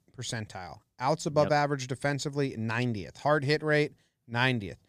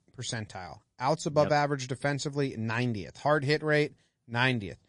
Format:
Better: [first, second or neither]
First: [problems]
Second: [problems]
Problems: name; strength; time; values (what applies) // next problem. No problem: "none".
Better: first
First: none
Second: garbled, watery; slightly; nothing above 10 kHz